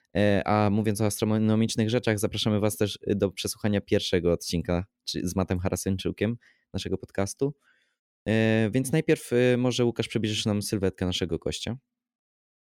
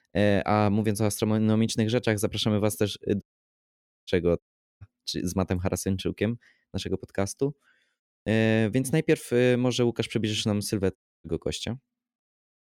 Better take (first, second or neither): first